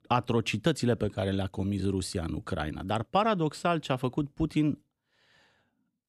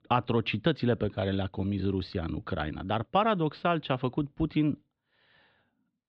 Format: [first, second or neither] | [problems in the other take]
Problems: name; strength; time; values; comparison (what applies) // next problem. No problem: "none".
first | muffled; slightly; fading above 4 kHz